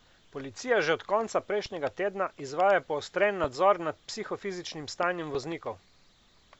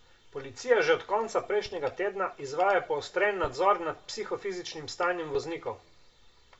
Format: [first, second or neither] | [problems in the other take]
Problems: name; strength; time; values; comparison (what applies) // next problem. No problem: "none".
first | room echo; dies away in 0.3 s